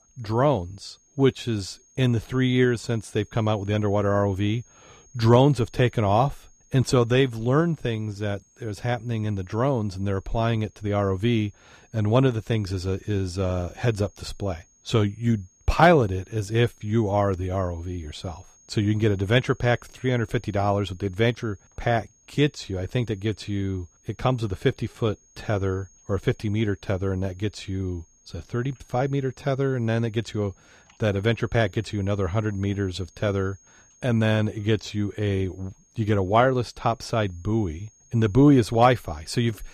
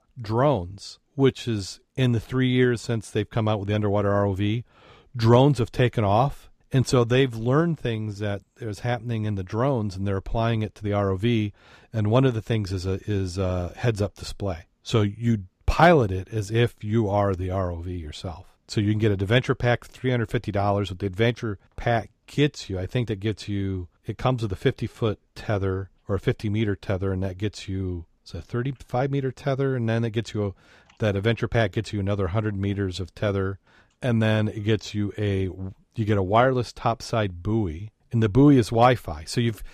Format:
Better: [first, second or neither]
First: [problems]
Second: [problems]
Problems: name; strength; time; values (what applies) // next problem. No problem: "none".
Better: second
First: high-pitched whine; faint; throughout; 6.5 kHz, 30 dB below the speech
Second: none